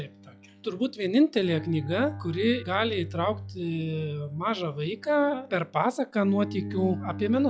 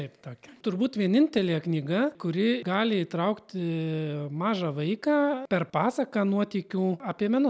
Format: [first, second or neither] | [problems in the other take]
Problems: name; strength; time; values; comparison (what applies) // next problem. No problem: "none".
second | noise reduction (classical method log-MMSE)